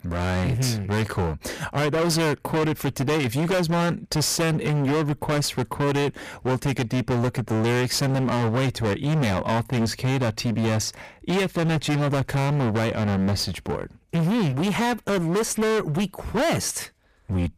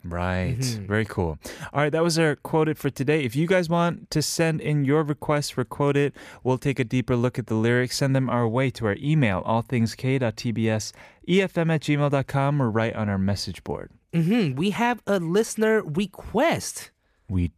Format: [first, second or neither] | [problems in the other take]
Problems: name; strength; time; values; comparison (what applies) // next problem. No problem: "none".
second | distortion; heavy; 30% of the sound clipped